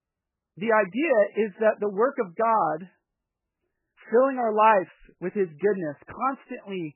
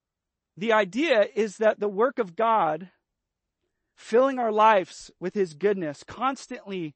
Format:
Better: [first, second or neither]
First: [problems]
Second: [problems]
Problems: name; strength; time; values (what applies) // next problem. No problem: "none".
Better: second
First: garbled, watery; badly; nothing above 3 kHz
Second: garbled, watery; slightly; nothing above 8 kHz